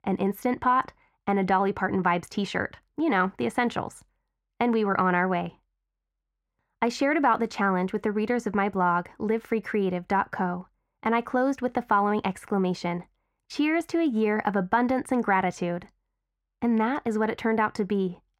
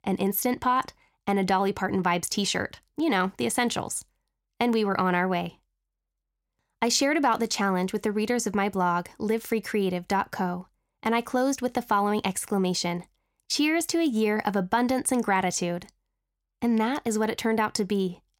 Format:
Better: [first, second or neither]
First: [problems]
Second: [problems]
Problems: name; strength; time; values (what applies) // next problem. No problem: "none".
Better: second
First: muffled; slightly; fading above 3.5 kHz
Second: none